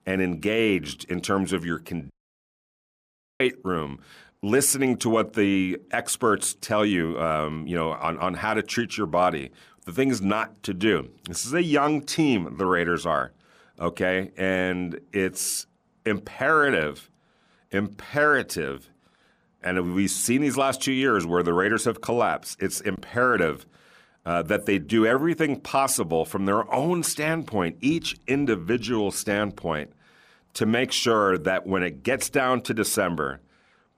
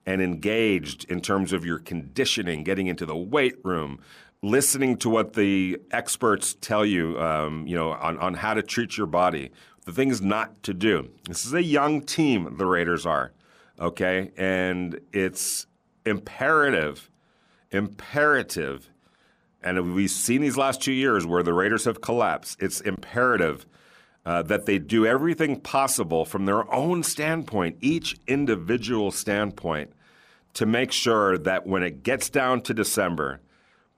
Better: second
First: audio cutting out; at 2 s for 1.5 s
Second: none

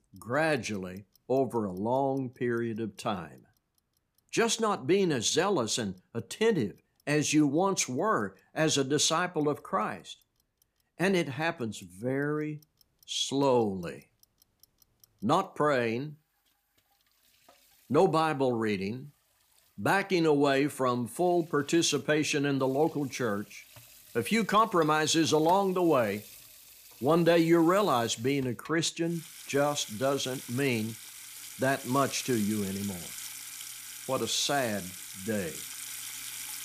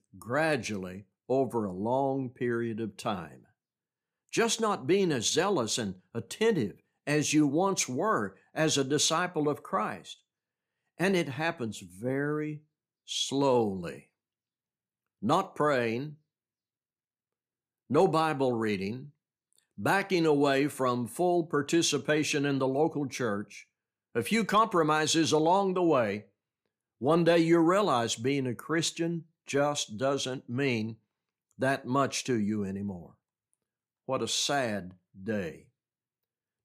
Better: second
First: household noises; noticeable; throughout; 15 dB below the speech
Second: none

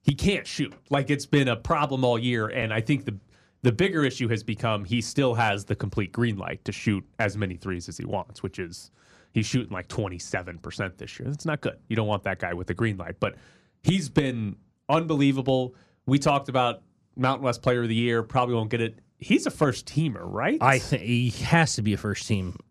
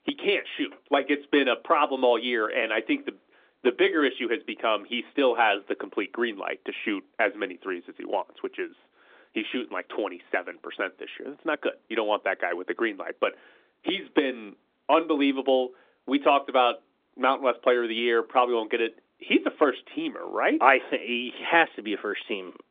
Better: first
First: none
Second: phone-call audio; nothing above 3.5 kHz

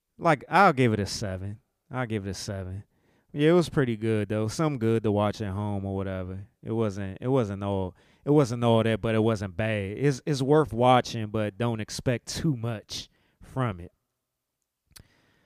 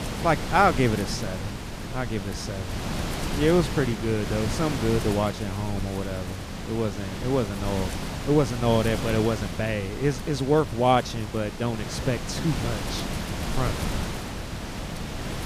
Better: first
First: none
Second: wind noise on the microphone; heavy; 7 dB below the speech

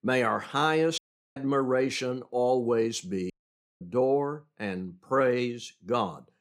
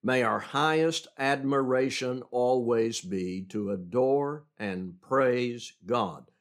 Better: second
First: audio cutting out; at 1 s and at 3.5 s for 0.5 s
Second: none

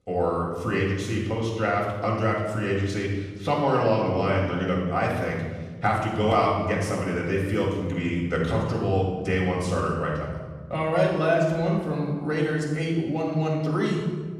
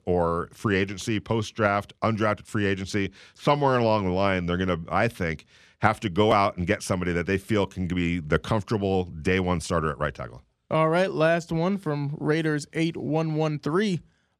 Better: second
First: off-mic speech; far // room echo; noticeable; dies away in 1.4 s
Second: none

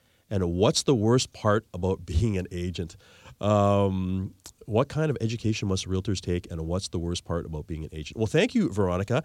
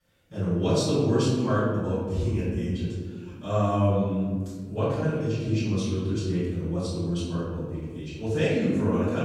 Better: first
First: none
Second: off-mic speech; far // room echo; strong; dies away in 1.8 s

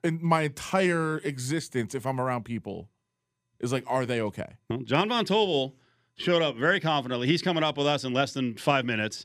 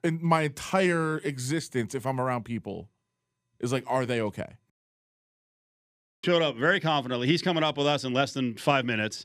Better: first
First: none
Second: audio cutting out; at 4.5 s for 1.5 s

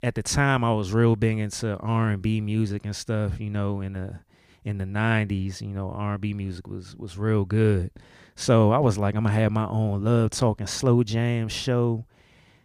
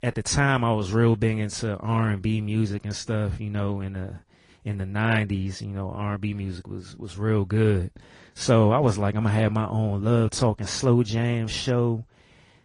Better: first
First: none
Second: garbled, watery; slightly; nothing above 10.5 kHz

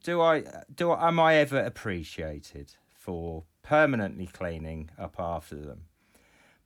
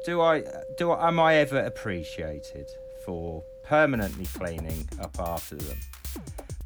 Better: first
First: none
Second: background music; noticeable; throughout; 15 dB below the speech

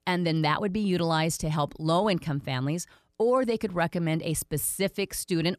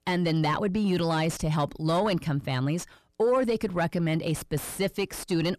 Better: first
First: none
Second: distortion; slight; 10 dB below the speech

